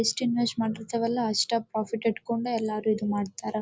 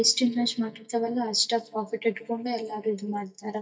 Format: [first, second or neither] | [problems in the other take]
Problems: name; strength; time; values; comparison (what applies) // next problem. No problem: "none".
first | noise reduction (neural mask model DeepFilterNet 3)